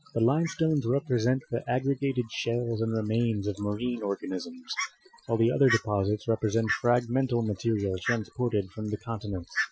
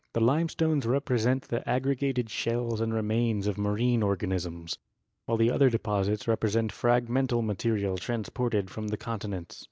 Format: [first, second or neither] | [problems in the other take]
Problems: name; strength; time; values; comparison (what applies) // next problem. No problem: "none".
second | noise reduction (classical method Wiener filter)